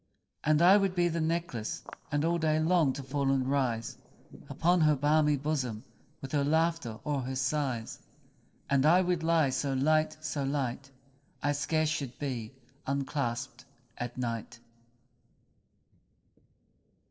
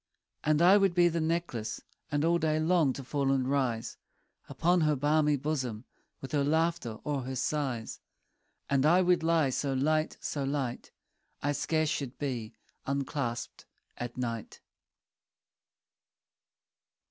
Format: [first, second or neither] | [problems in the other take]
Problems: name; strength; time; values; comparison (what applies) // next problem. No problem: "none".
second | noise reduction (neural separator model SepFormer DNS4)